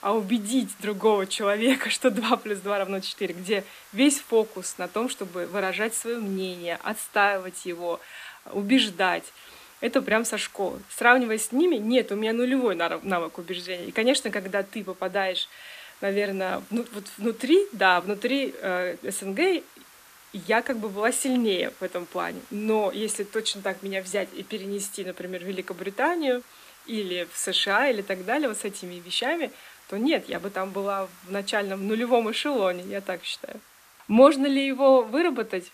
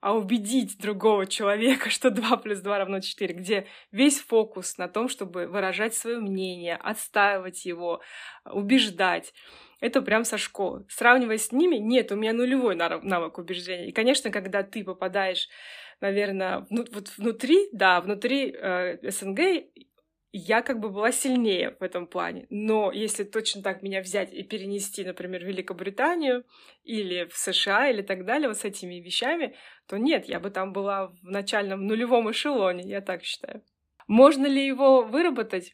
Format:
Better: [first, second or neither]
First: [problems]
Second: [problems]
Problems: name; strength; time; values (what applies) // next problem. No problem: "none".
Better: second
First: hiss; faint; throughout; 25 dB below the speech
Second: none